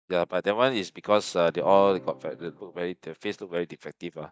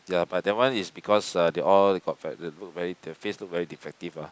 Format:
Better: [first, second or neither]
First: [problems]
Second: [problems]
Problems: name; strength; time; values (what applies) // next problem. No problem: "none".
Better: second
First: noise reduction (neural mask model DeepFilterNet 3)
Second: none